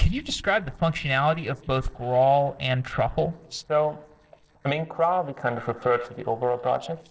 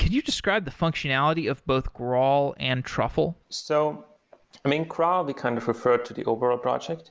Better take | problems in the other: second | noise reduction (neural separator model SepFormer DNS4)

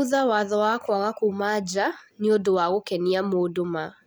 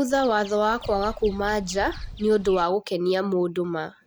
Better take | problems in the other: first | background sound (Bird vocalization, bird call, bird song); 14 dB below the speech

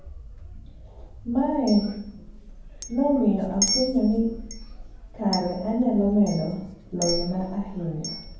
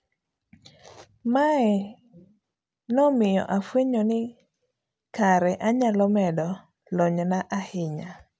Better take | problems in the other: second | background sound (Chink, clink); 9 dB below the speech // room echo; dies away in 0.9 s

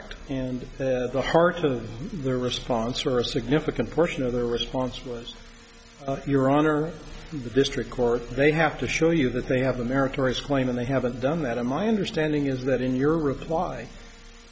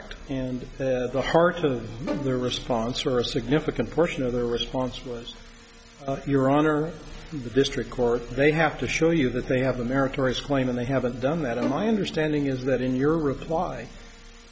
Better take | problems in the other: first | background sound (Bowed string instrument); 14 dB below the speech

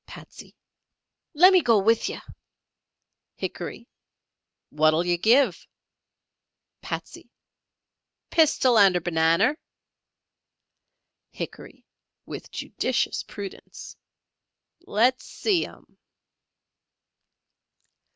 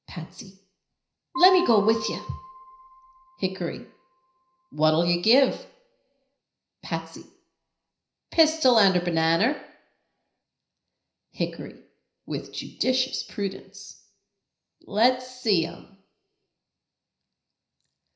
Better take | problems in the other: first | background sound (Piano); 11 dB below the speech // room echo; dies away in 0.5 s

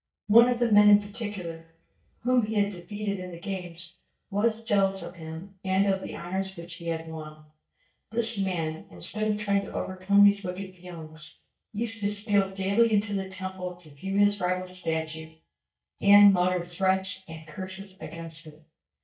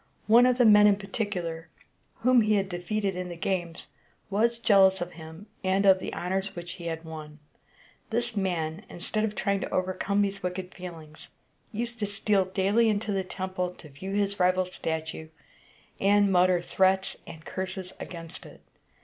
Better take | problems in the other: second | noise reduction (neural mask model DeepFilterNet 3)

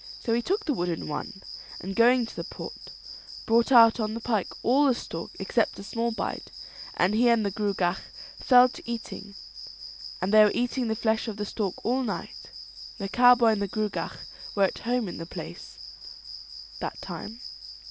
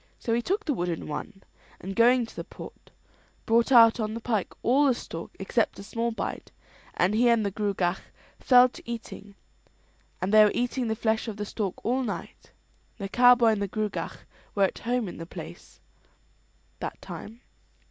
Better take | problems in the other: second | background sound (Cricket); 15 dB below the speech

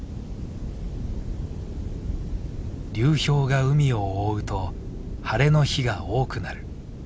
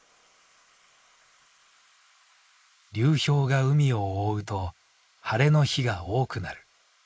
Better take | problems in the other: first | noise reduction (neural mask model Resemble Enhance denoiser)

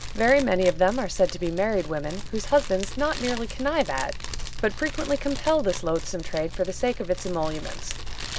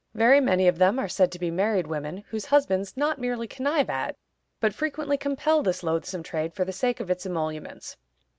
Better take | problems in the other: second | background sound (Fire); 6 dB below the speech

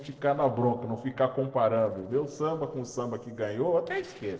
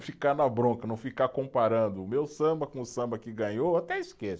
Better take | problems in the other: second | noise reduction (neural separator model SepFormer DNS4)

